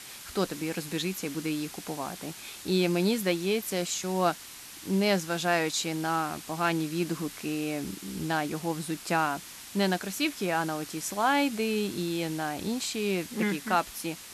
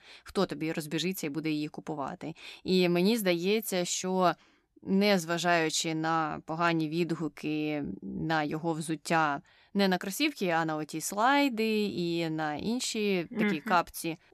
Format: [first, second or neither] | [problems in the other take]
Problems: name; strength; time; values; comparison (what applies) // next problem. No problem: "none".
second | hiss; noticeable; throughout; 10 dB below the speech